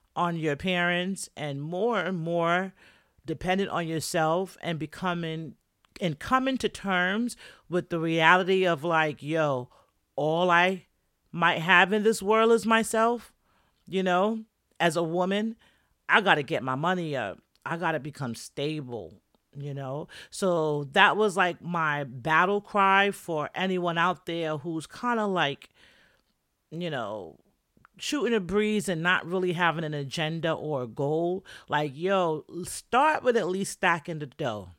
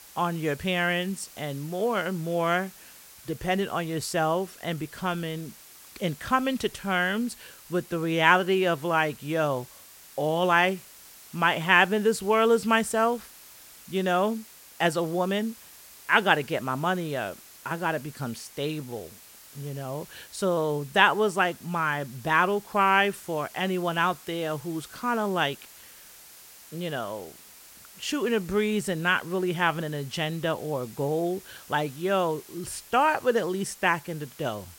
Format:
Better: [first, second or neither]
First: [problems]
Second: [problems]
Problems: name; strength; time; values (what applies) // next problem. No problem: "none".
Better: first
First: none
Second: hiss; faint; throughout; 20 dB below the speech